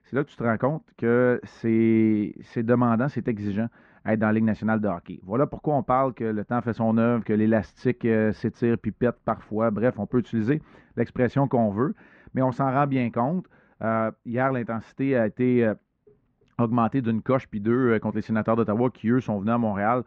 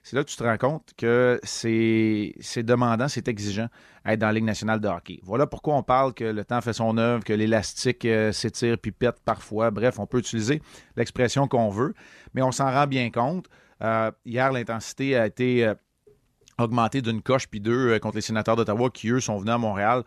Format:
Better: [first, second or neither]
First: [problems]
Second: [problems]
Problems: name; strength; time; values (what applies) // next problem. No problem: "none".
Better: second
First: muffled; very; fading above 1.5 kHz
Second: none